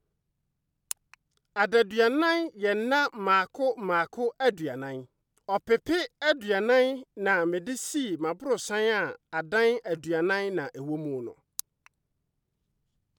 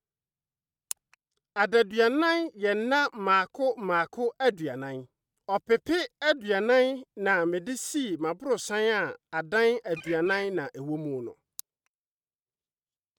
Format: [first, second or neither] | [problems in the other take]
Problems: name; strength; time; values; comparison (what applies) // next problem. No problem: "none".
first | noise reduction (neural mask model RNNoise)